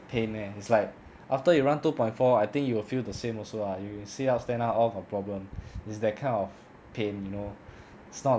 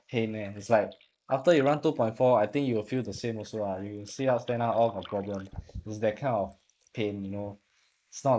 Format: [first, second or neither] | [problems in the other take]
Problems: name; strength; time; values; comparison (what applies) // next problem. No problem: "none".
first | noise reduction (neural mask model Resemble Enhance denoiser)